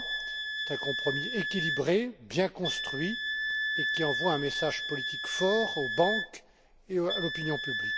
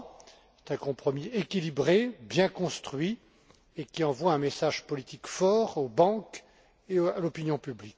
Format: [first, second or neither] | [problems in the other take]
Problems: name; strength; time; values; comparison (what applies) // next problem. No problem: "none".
second | background sound (Wind instrument, woodwind instrument); 2 dB below the speech